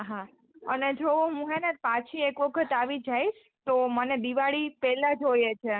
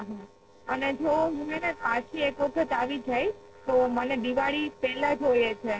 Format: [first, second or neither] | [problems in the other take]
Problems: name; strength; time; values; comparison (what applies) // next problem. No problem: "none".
first | noise reduction (neural separator model SepFormer DNS4)